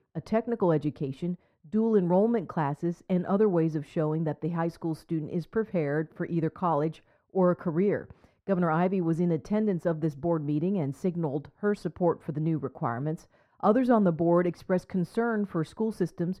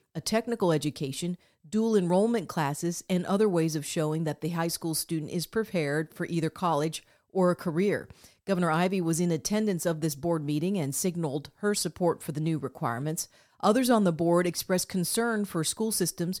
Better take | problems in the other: second | muffled; very; fading above 3 kHz

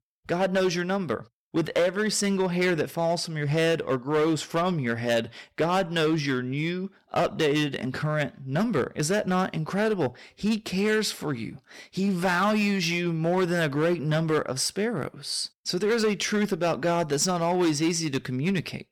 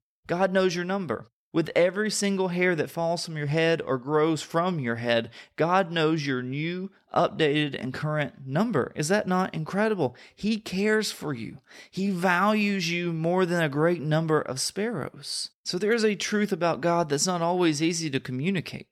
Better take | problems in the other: second | distortion; slight; 8% of the sound clipped

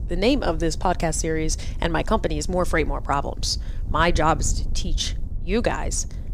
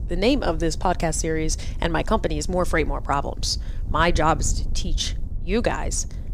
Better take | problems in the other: neither | wind noise on the microphone; occasional gusts; 25 dB below the speech; the same in both

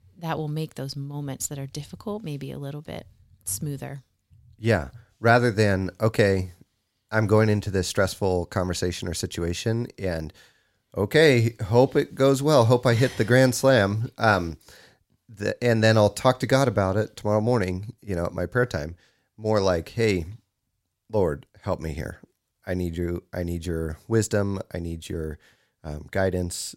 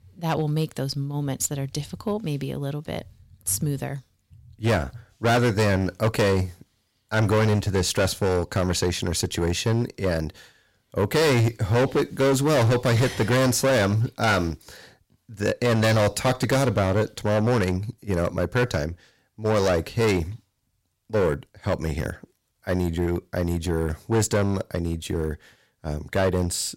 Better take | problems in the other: first | distortion; heavy; 12% of the sound clipped

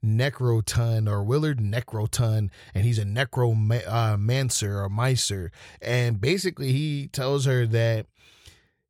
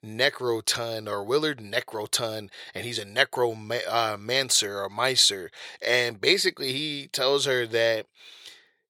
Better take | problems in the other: first | thin; very; fading below 450 Hz

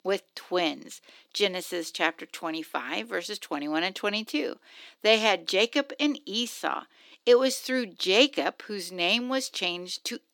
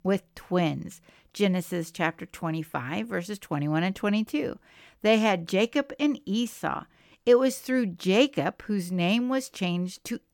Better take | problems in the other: second | thin; very slightly; fading below 250 Hz

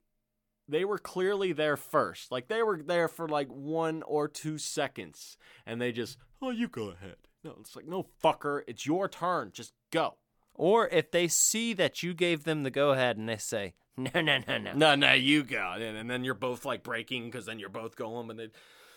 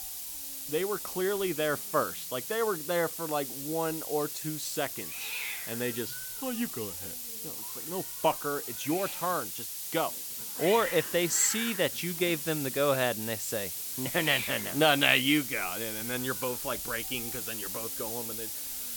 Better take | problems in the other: first | hiss; loud; throughout; 4 dB below the speech

